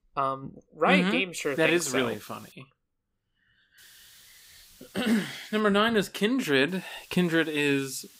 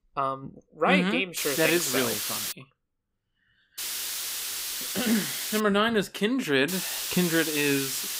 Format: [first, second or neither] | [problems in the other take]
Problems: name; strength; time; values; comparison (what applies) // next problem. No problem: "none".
first | hiss; loud; from 1.5 to 2.5 s, from 4 to 5.5 s and from 6.5 s on; 4 dB below the speech; faint in the first